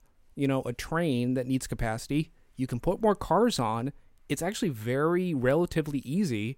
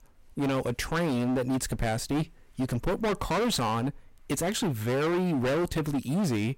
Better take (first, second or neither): first